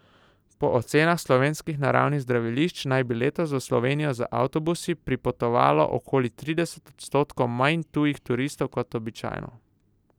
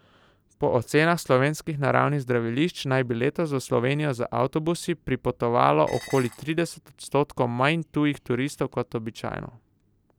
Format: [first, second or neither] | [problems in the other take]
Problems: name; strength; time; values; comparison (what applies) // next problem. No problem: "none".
first | background sound (Dishes, pots, and pans); 18 dB below the speech